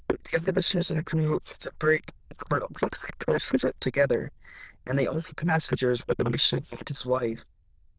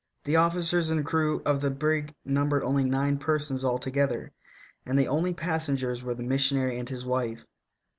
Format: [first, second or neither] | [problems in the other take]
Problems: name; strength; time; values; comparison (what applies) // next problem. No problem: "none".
second | noise reduction (neural diffusion model UNIVERSE++)